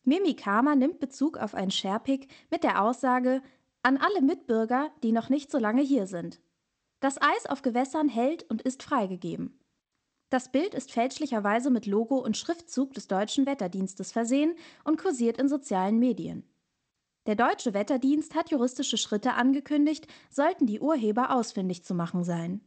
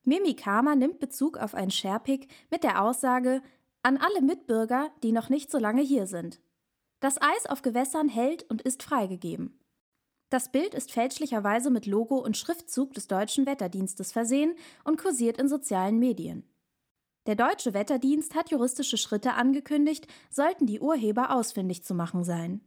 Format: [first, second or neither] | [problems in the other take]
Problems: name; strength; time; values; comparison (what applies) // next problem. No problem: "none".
second | garbled, watery; slightly; nothing above 8 kHz